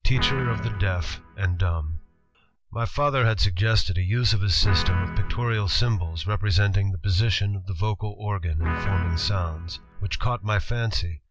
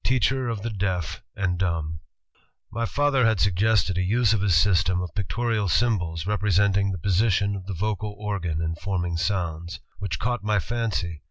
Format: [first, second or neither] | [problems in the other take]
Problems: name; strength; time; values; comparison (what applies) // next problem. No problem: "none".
second | background sound (Guitar); 12 dB below the speech